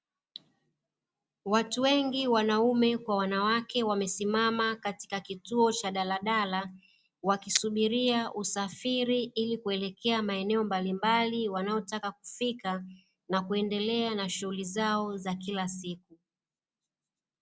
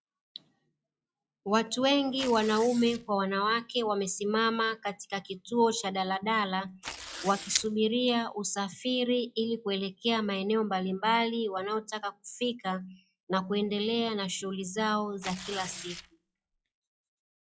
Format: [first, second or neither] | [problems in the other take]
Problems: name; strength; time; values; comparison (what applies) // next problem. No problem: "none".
first | noise reduction (classical method log-MMSE)